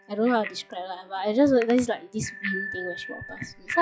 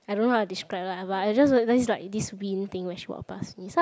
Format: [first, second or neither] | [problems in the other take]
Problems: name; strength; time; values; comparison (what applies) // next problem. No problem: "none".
second | noise reduction (classical method log-MMSE)